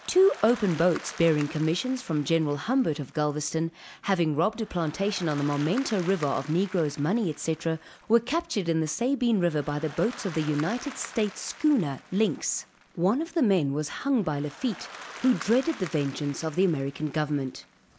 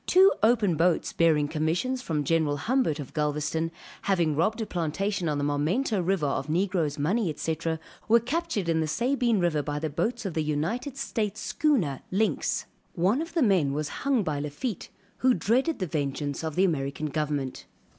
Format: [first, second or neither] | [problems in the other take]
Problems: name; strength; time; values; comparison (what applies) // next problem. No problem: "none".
second | background sound (Applause); 19 dB below the speech